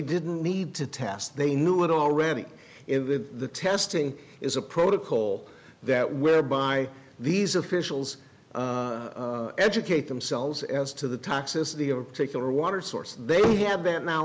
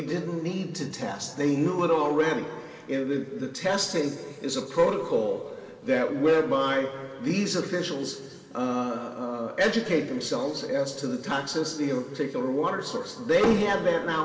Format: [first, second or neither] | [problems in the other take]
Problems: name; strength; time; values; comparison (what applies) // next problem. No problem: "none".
first | room echo; dies away in 2 s